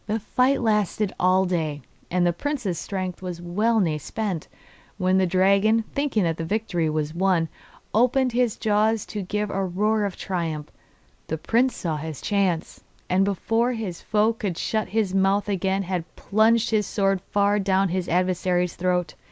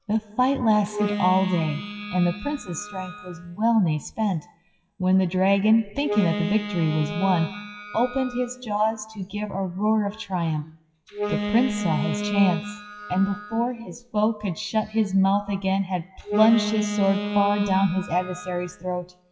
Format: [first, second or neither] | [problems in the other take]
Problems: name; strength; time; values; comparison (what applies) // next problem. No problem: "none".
first | noise reduction (classical method WPE with log-MMSE)